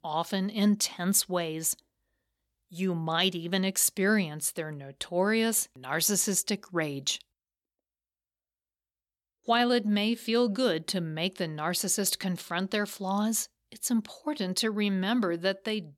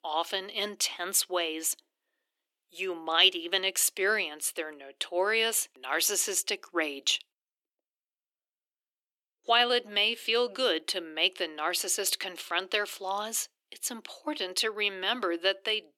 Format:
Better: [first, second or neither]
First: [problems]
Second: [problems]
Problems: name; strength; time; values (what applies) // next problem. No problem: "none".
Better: first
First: none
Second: thin; very; fading below 300 Hz